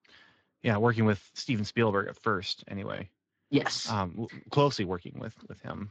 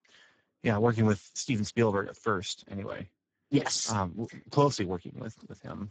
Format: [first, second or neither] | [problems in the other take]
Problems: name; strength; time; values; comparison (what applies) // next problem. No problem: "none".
first | garbled, watery; badly; nothing above 7.5 kHz; slightly in the first